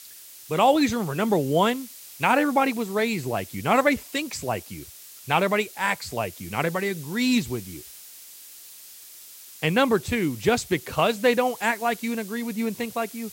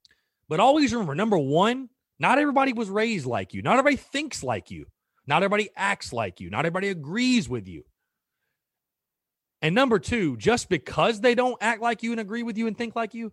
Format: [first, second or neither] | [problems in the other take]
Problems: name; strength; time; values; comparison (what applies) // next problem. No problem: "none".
second | hiss; noticeable; throughout; 15 dB below the speech